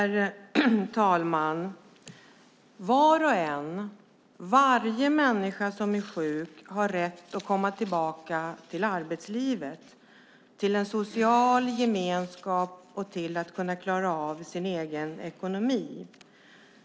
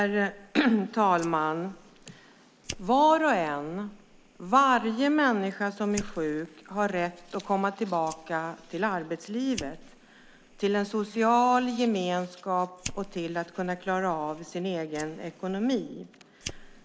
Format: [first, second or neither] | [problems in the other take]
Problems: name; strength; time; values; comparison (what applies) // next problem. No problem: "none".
first | noise reduction (neural mask model Resemble Enhance denoiser)